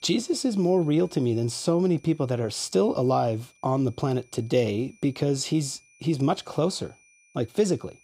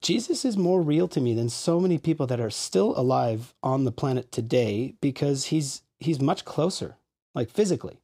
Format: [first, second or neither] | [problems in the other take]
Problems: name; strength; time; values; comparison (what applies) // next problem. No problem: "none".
second | high-pitched whine; faint; throughout; 2.5 kHz, 30 dB below the speech